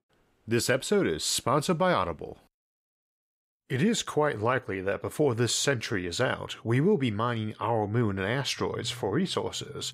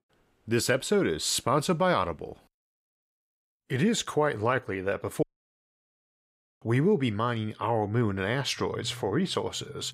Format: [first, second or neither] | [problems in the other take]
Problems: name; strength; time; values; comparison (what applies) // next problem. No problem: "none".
first | audio cutting out; at 5 s for 1.5 s